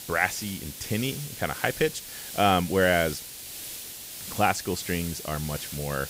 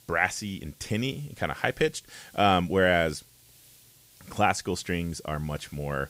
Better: second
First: hiss; loud; throughout; 9 dB below the speech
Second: hiss; faint; throughout; 25 dB below the speech

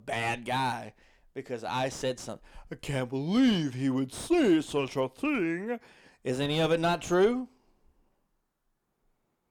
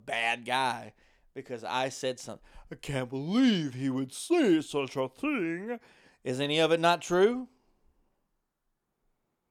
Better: second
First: distortion; slight; 10 dB below the speech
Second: none

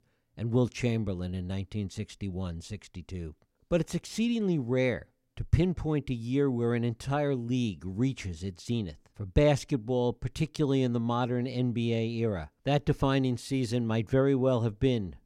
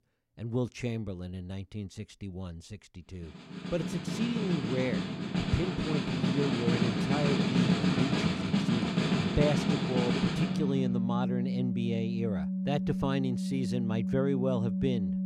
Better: first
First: none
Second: background music; very loud; from 3.5 s on; 4 dB above the speech

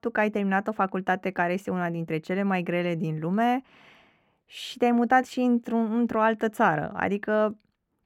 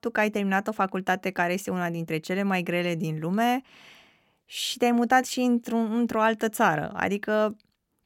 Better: second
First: muffled; slightly; fading above 3 kHz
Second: none

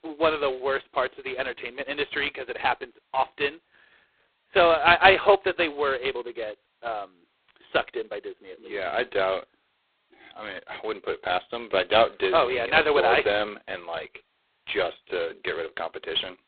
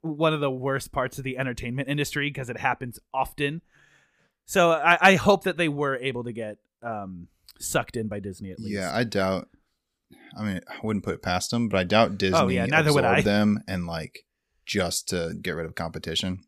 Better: second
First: phone-call audio; poor line; nothing above 4 kHz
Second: none

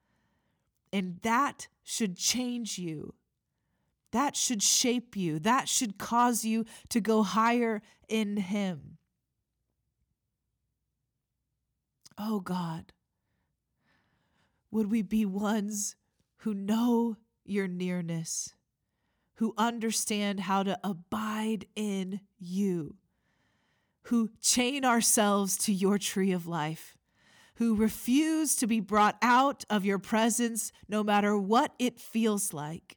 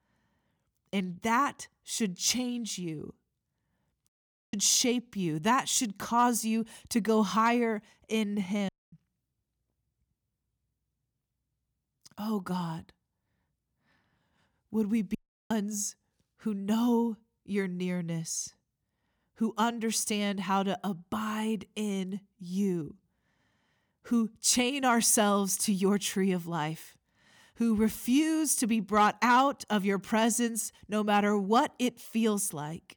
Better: first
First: none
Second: audio cutting out; at 4 s, at 8.5 s and at 15 s

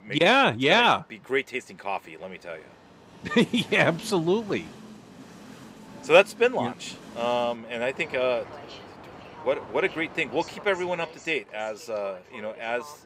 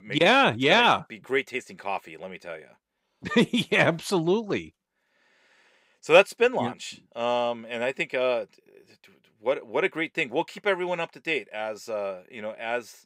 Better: second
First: train or aircraft noise; noticeable; throughout; 20 dB below the speech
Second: none

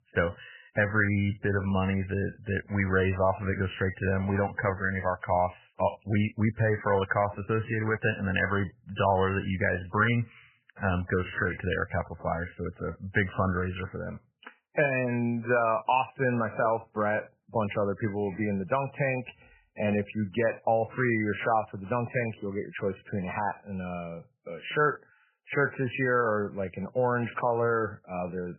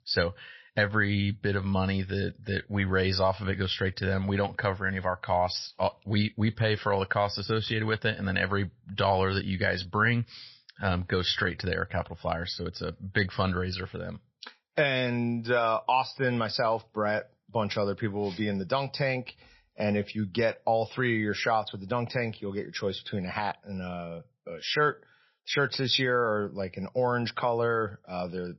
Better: second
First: garbled, watery; badly; nothing above 3 kHz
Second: garbled, watery; slightly; nothing above 5.5 kHz

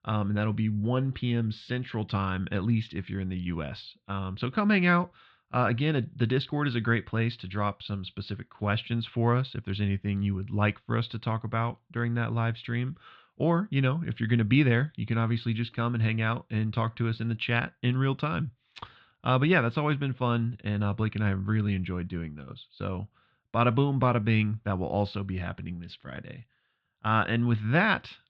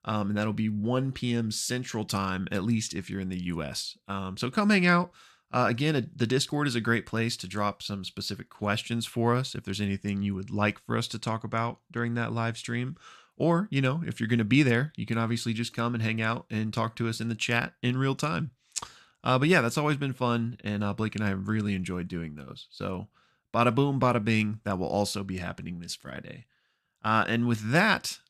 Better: second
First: muffled; slightly; fading above 3.5 kHz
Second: none

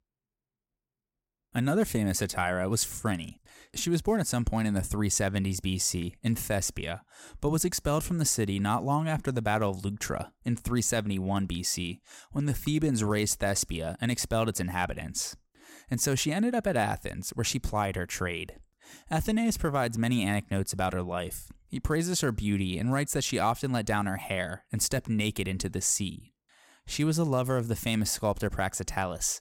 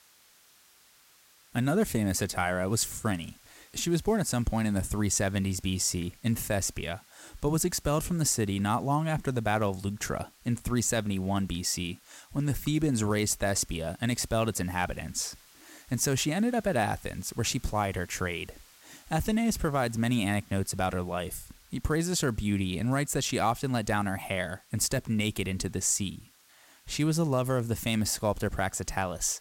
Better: first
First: none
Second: hiss; faint; throughout; 25 dB below the speech

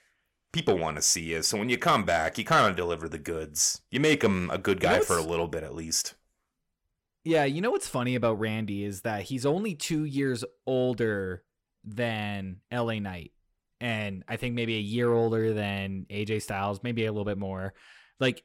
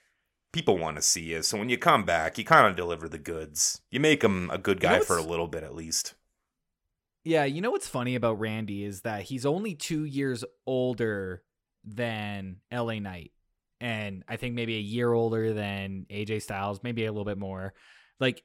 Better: second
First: distortion; slight; 10 dB below the speech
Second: none

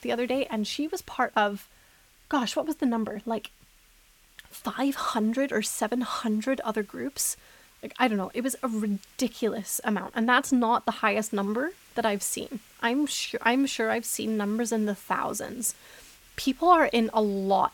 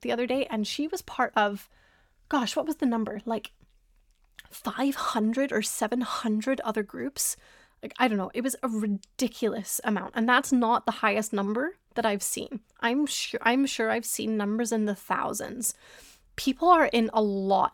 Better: second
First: hiss; faint; throughout; 25 dB below the speech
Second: none

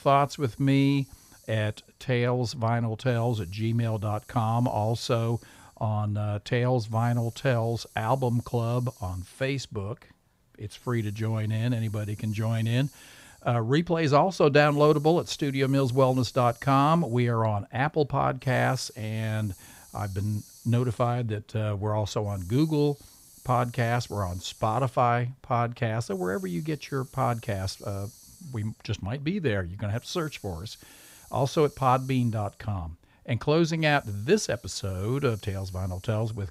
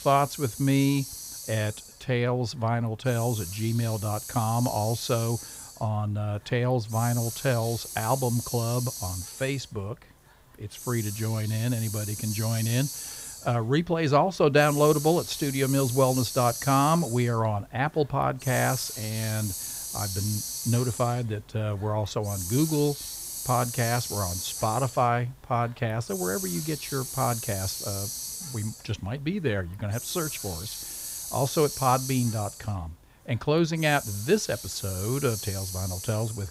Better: first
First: hiss; faint; throughout; 25 dB below the speech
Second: hiss; loud; throughout; 7 dB below the speech

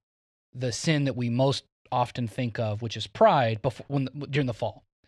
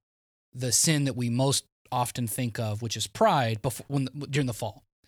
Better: second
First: muffled; slightly; fading above 3 kHz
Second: none

